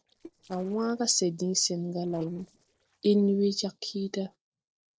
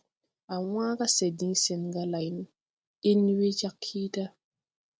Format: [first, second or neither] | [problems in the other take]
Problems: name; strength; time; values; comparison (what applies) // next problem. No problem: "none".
second | noise reduction (neural separator model SepFormer DNS4)